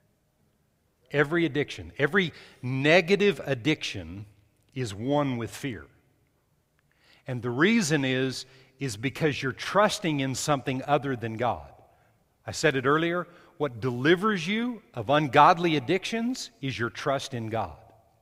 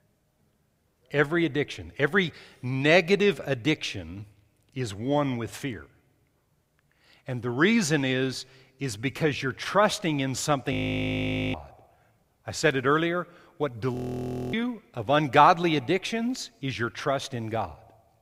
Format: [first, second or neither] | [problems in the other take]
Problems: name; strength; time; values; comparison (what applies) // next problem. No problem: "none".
first | audio freezing; at 11 s for 1 s and at 14 s for 0.5 s